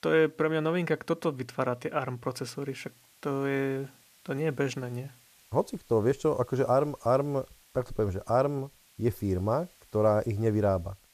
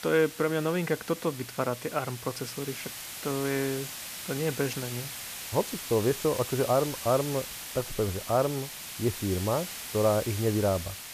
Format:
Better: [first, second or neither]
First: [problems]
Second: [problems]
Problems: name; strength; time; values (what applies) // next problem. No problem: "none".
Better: first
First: hiss; faint; throughout; 30 dB below the speech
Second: hiss; loud; throughout; 8 dB below the speech